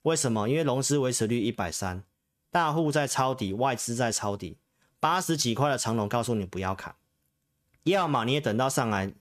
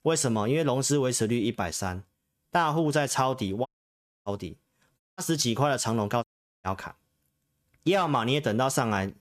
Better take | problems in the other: first | audio cutting out; at 3.5 s for 0.5 s, at 5 s and at 6 s

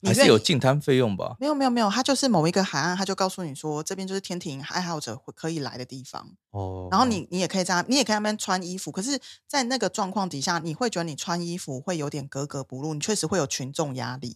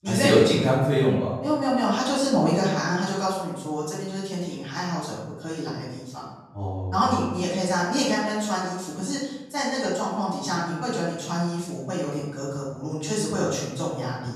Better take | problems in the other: first | room echo; noticeable; dies away in 0.9 s // off-mic speech; far

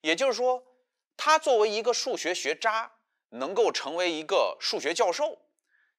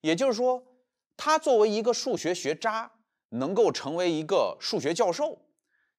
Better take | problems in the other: second | thin; somewhat; fading below 450 Hz

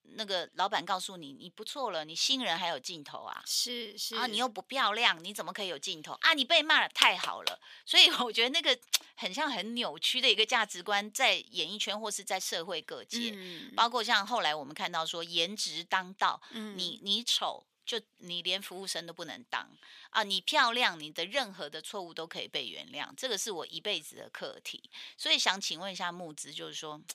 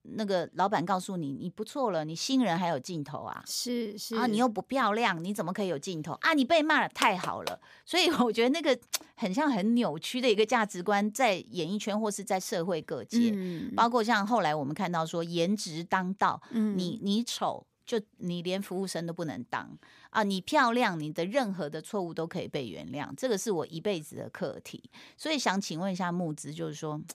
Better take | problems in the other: second | thin; somewhat; fading below 1 kHz

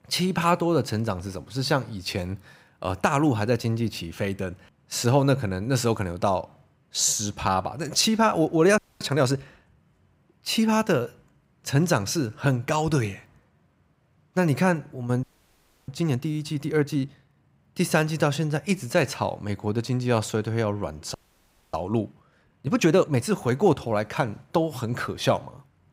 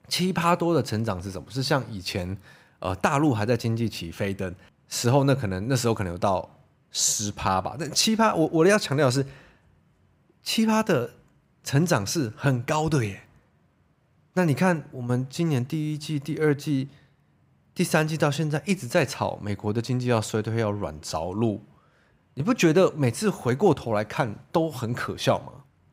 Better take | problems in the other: second | audio freezing; at 9 s, at 15 s for 0.5 s and at 21 s for 0.5 s

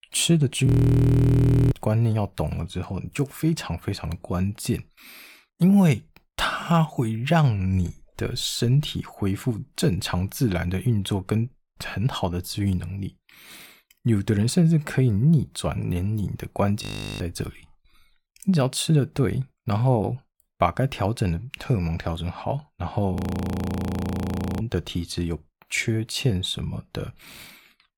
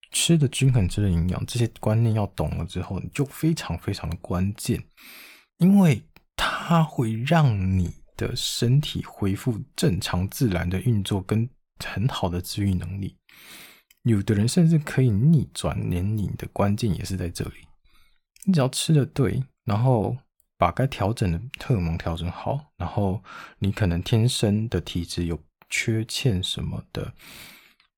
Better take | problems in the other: second | audio freezing; at 0.5 s for 1 s, at 17 s and at 23 s for 1.5 s

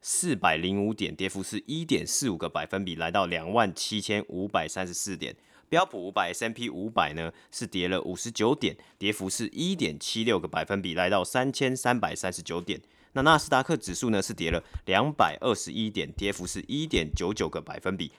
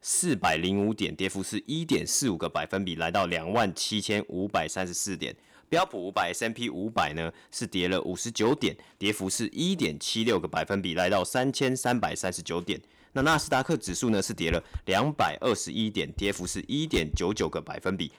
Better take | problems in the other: first | distortion; slight; 2% of the sound clipped

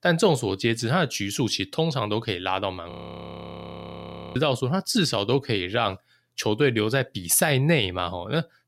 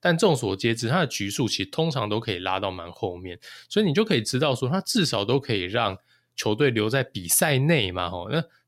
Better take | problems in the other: second | audio freezing; at 3 s for 1.5 s

